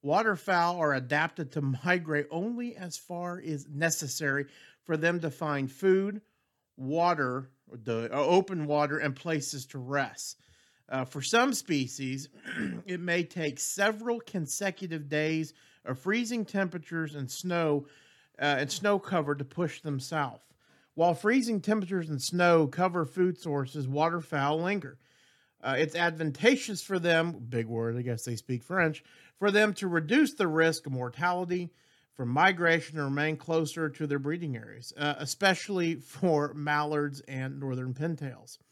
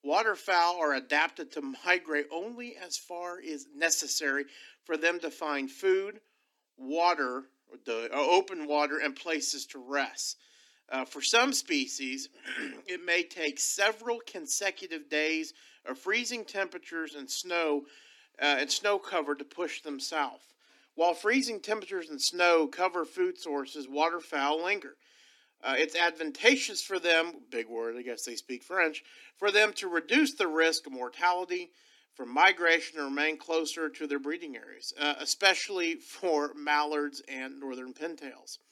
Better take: first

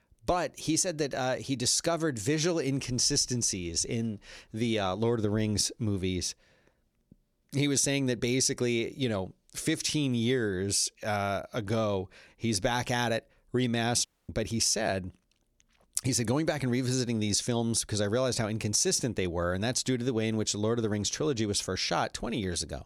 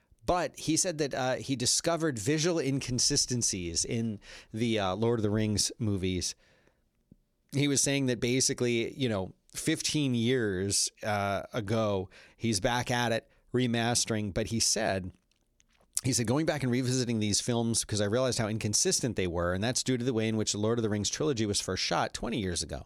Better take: second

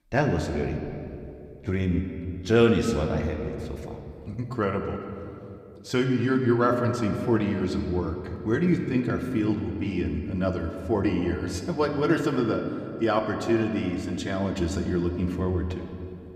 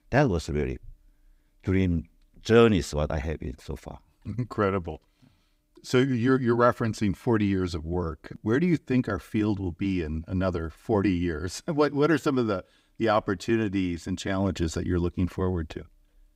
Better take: second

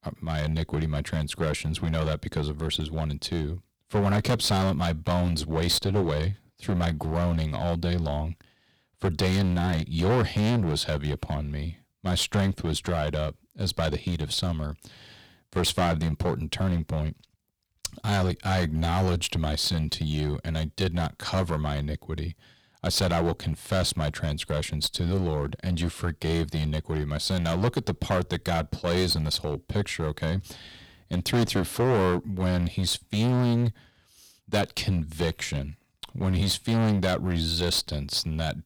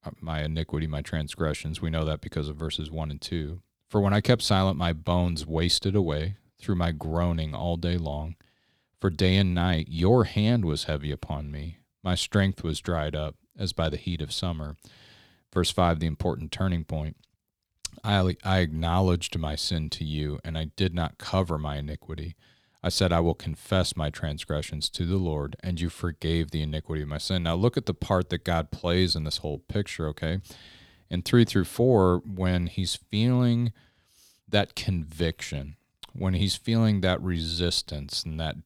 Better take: second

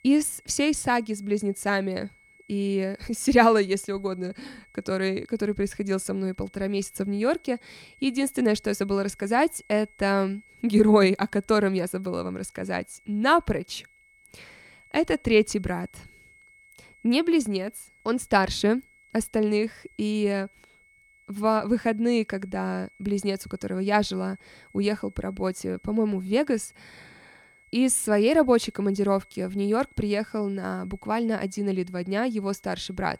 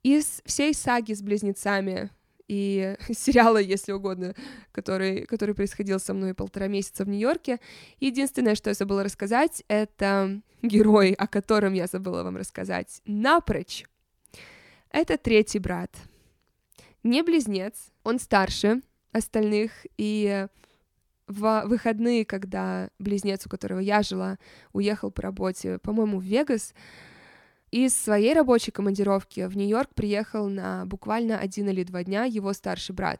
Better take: second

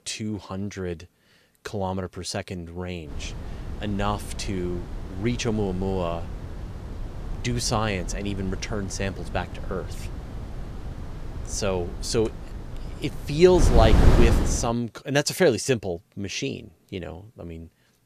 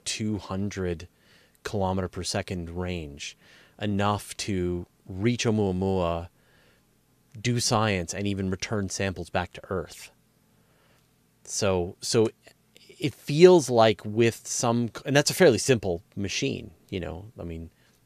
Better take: second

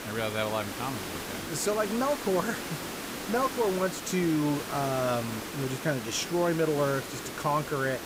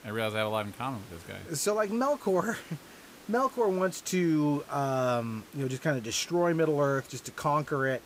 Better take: second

